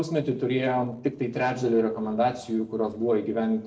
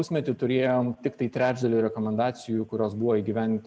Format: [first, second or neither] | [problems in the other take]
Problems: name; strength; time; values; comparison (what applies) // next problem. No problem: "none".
second | noise reduction (neural separator model SepFormer DNS4)